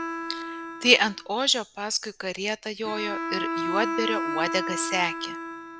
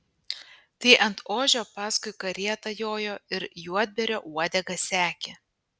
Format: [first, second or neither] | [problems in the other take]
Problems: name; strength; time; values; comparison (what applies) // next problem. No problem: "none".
second | background sound (Bowed string instrument); 4 dB below the speech